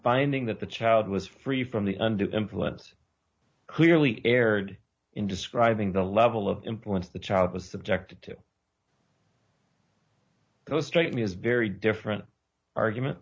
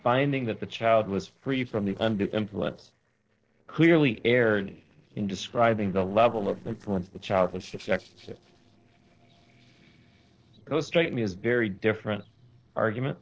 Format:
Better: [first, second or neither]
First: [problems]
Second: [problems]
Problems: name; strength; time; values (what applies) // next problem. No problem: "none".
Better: first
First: none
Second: noise reduction (neural separator model SepFormer DNS4)